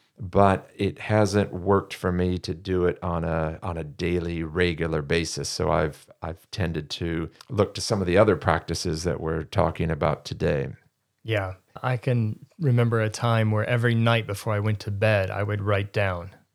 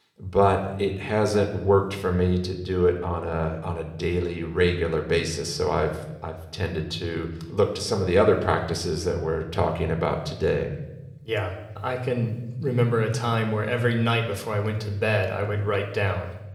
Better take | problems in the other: first | room echo; slight; dies away in 0.8 s

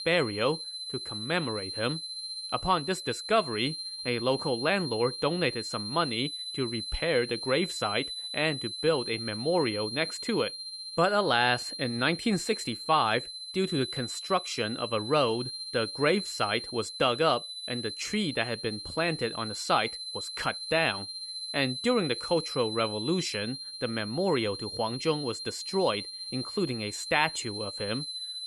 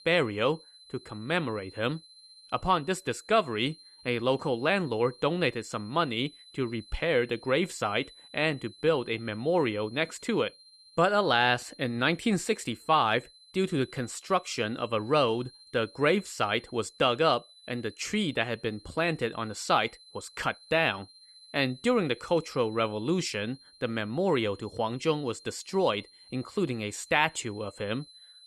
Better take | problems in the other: second | high-pitched whine; loud; throughout; 4 kHz, 6 dB below the speech; faint in the second

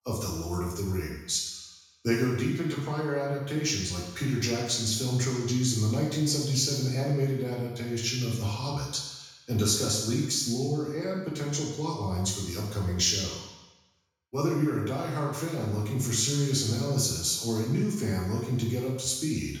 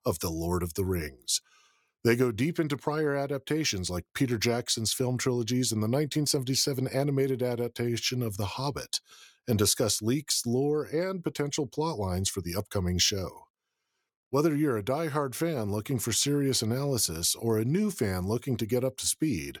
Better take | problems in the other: second | room echo; noticeable; dies away in 1 s // off-mic speech; far

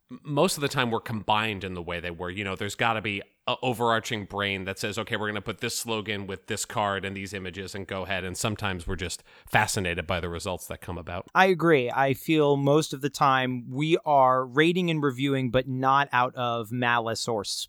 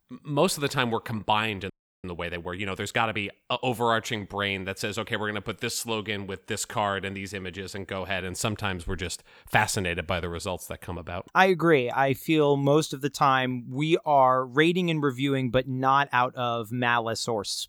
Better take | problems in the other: first | audio freezing; at 1.5 s

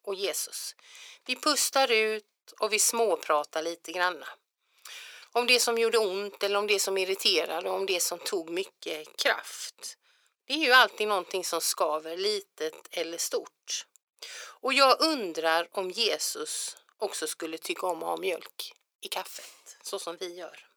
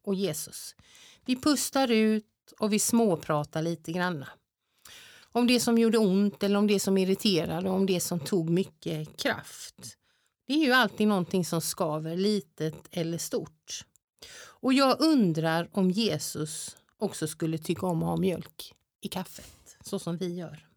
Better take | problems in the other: second | thin; very; fading below 400 Hz

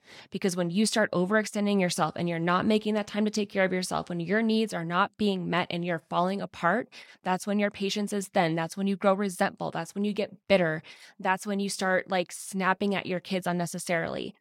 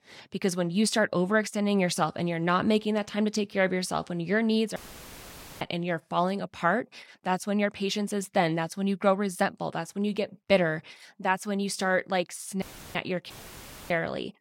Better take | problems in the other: first | audio cutting out; filled with static; at 5 s for 1 s and at 13 s for 0.5 s

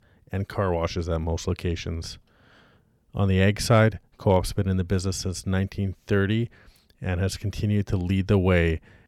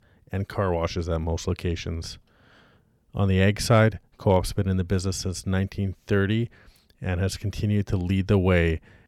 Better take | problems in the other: neither | none

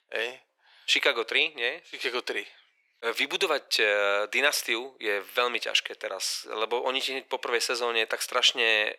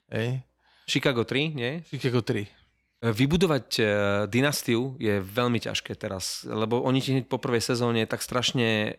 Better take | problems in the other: second | thin; very; fading below 450 Hz

